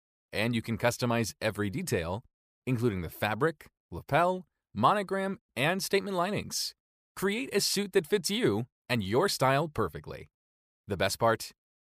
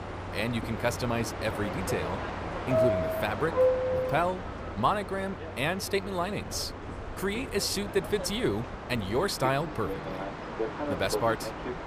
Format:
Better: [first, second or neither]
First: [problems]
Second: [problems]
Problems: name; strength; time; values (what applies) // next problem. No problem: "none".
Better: first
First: none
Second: train or aircraft noise; loud; throughout; 3 dB below the speech